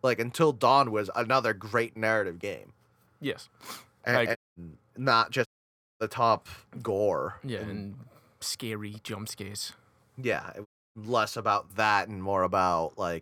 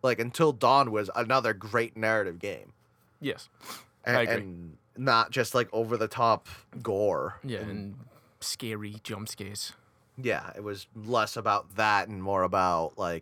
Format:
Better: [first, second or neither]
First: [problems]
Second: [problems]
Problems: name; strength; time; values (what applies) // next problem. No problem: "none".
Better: second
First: audio cutting out; at 4.5 s, at 5.5 s for 0.5 s and at 11 s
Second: none